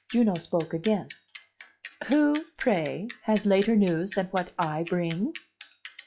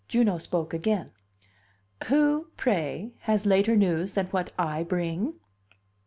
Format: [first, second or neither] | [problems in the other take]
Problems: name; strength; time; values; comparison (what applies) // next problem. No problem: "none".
second | noise reduction (classical method log-MMSE)